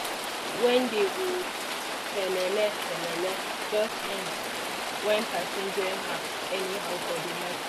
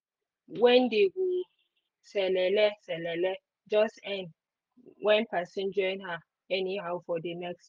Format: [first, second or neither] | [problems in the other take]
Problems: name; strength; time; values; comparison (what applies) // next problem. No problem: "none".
second | background sound (Rain); 1 dB below the speech